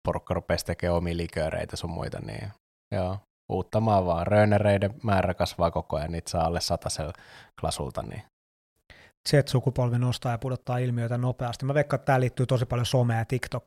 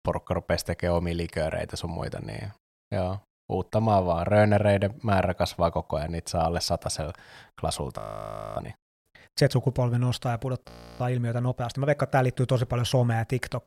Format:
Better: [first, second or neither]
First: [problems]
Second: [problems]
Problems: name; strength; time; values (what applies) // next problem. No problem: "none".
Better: first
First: none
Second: audio freezing; at 8 s for 0.5 s and at 11 s